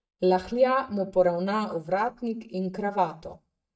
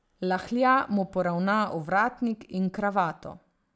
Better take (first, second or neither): second